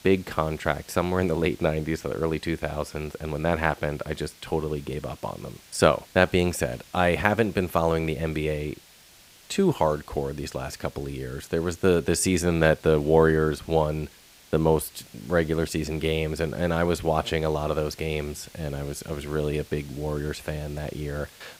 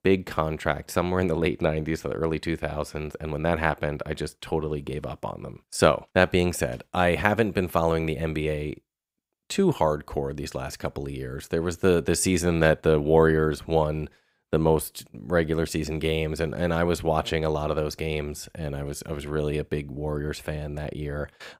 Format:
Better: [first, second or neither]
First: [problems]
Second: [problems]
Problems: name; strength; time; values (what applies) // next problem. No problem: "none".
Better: second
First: hiss; faint; throughout; 25 dB below the speech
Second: none